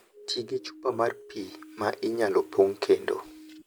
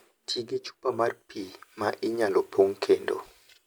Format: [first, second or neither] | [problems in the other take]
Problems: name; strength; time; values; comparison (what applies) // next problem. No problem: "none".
second | background sound (Siren); 20 dB below the speech